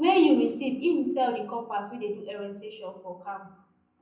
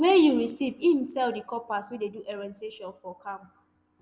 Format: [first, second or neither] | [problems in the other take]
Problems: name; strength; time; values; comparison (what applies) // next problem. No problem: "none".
second | room echo; dies away in 0.6 s